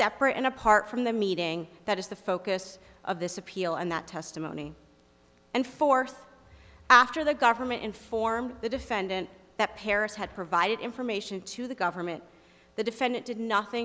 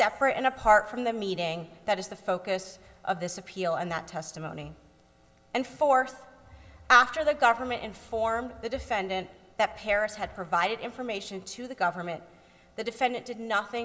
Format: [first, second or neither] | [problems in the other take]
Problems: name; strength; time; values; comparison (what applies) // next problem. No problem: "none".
first | room echo; dies away in 0.5 s